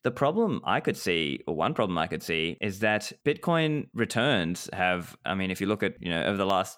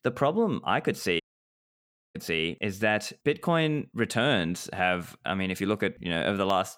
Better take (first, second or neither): first